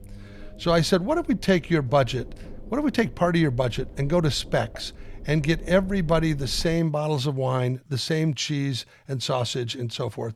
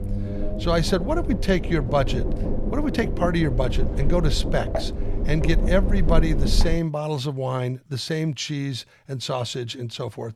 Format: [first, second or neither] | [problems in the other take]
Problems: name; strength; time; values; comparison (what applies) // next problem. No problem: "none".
first | low rumble; loud; until 7 s; 7 dB below the speech; faint in the first